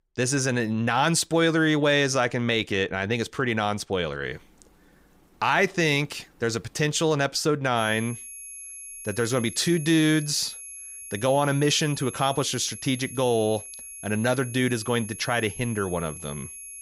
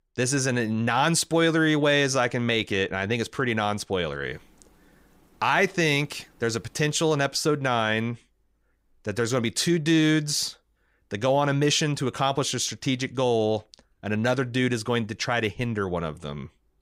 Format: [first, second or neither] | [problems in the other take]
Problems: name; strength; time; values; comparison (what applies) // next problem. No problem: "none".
second | high-pitched whine; noticeable; from 8 s on; 11 kHz, 15 dB below the speech